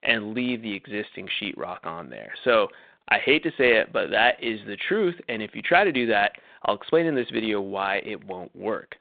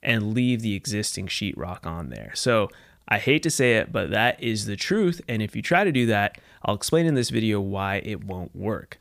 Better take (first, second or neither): second